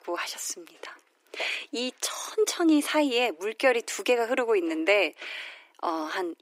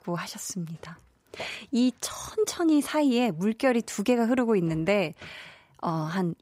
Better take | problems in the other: second | thin; somewhat; fading below 300 Hz

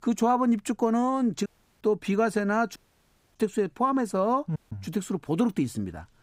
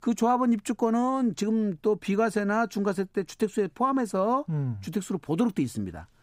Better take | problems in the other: second | audio cutting out; at 1.5 s, at 3 s for 0.5 s and at 4.5 s

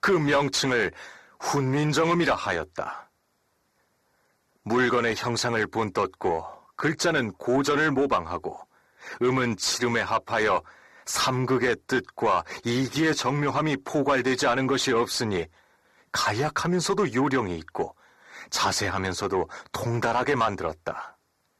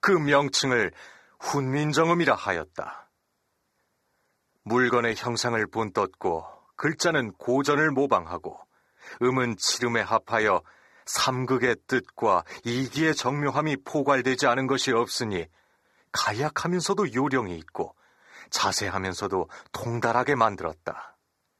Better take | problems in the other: second | distortion; slight; 10 dB below the speech

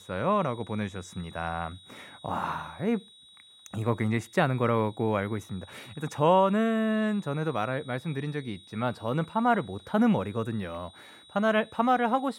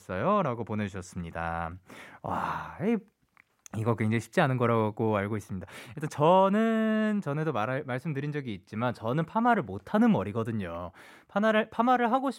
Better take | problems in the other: second | high-pitched whine; faint; throughout; 4 kHz, 25 dB below the speech

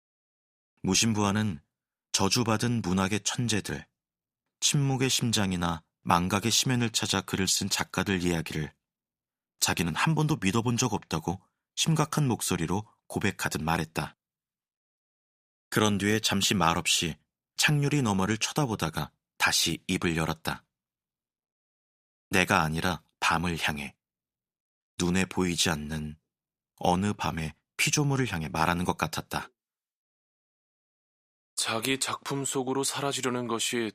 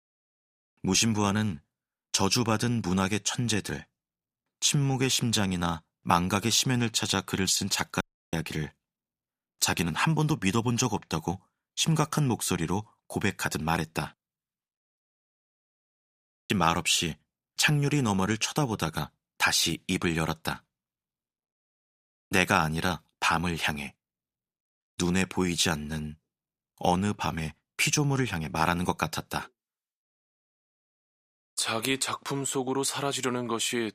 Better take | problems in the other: first | audio cutting out; at 8 s and at 15 s for 1 s

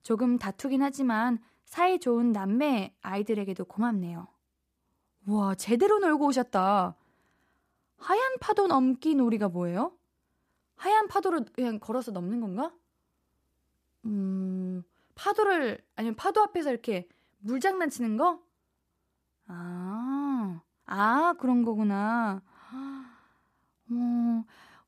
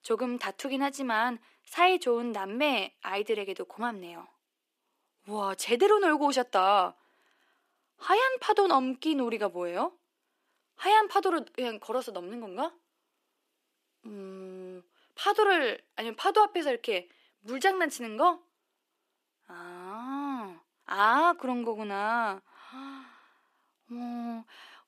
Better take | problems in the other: first | thin; somewhat; fading below 300 Hz

